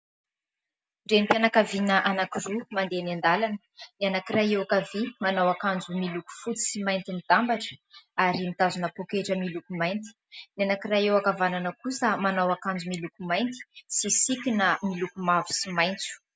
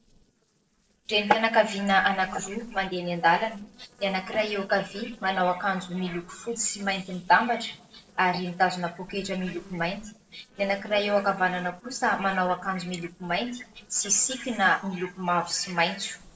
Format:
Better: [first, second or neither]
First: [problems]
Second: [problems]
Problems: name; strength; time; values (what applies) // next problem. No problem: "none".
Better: first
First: none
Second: noise reduction (neural separator model SepFormer DNS4)